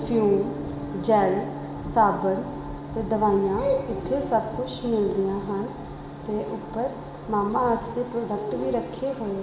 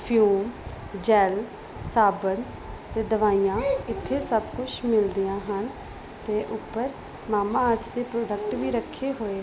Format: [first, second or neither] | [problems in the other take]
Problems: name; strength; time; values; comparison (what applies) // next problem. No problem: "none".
second | background sound (Gong); 12 dB below the speech // room echo; dies away in 1.6 s